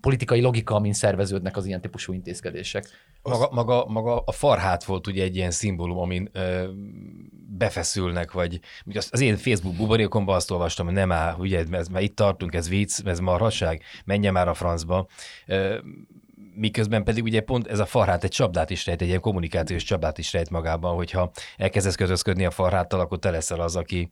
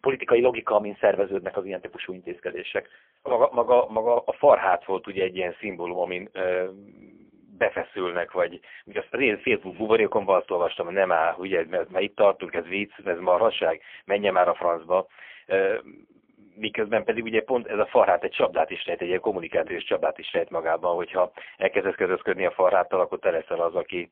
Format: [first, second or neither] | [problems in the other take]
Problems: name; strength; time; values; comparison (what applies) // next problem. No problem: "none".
first | phone-call audio; poor line; nothing above 3.5 kHz